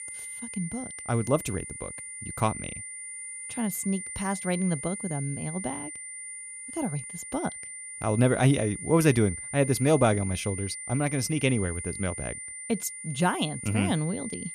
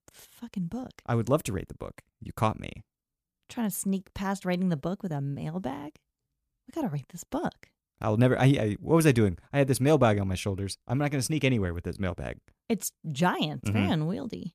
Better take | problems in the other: second | high-pitched whine; loud; throughout; 9 kHz, 8 dB below the speech

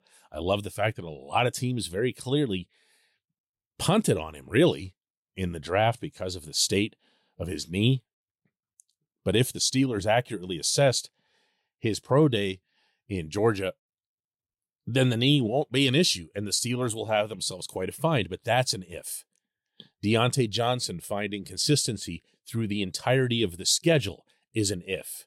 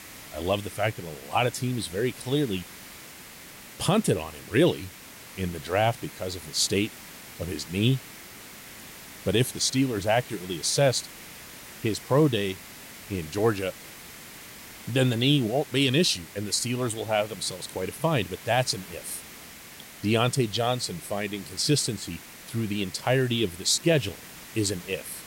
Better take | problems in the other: first | hiss; noticeable; throughout; 15 dB below the speech

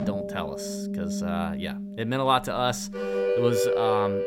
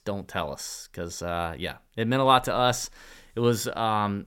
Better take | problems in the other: second | background music; very loud; throughout; as loud as the speech

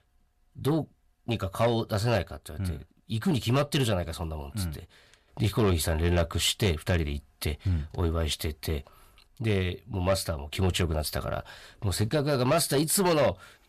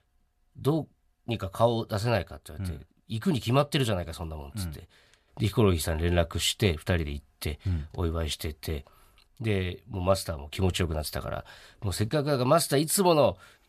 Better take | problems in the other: second | distortion; slight; 10 dB below the speech

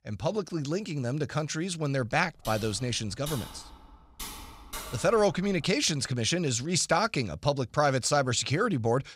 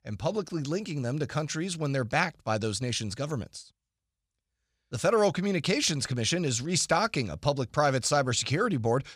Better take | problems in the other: second | keyboard typing; faint; from 2 to 5.5 s; peak 10 dB below the speech

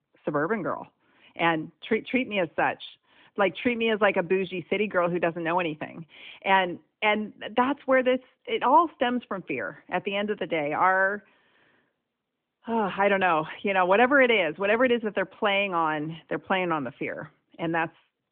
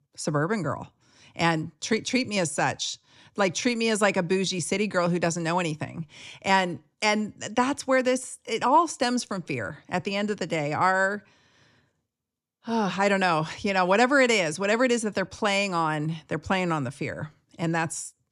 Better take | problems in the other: second | phone-call audio; nothing above 3 kHz

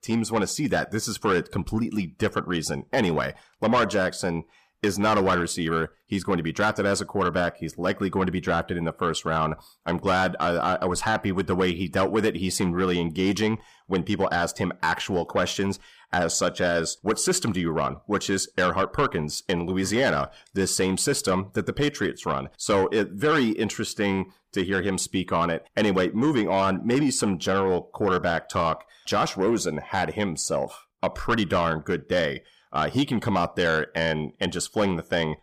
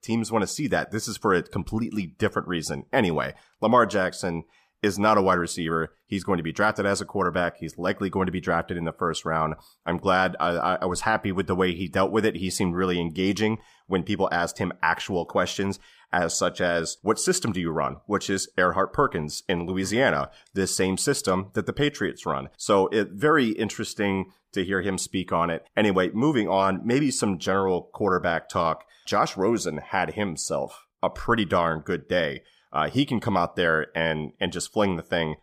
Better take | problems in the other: second | distortion; slight; 10 dB below the speech

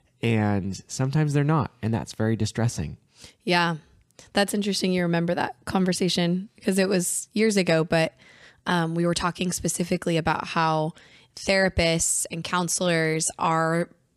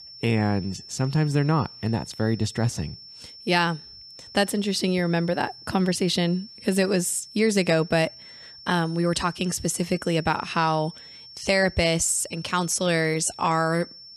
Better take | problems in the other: first | high-pitched whine; noticeable; throughout; 5.5 kHz, 20 dB below the speech

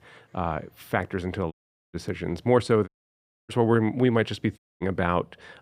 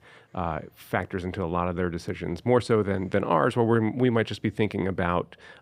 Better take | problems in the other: second | audio cutting out; at 1.5 s, at 3 s for 0.5 s and at 4.5 s

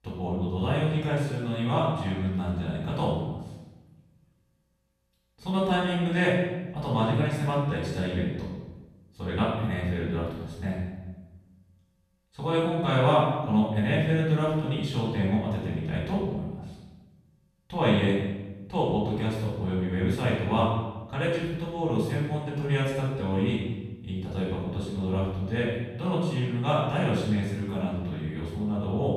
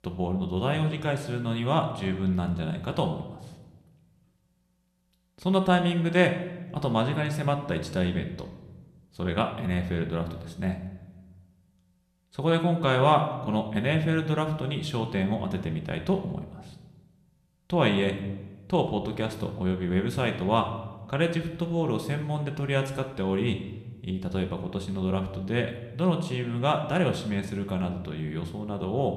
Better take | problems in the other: second | room echo; strong; dies away in 1 s; slight in the second // off-mic speech; far

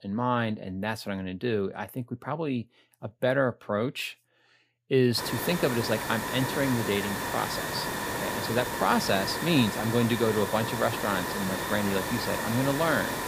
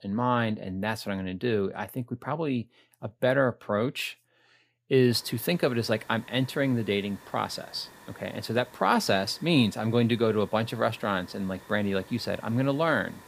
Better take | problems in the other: second | hiss; loud; from 5 s on; 3 dB below the speech; faint in the second

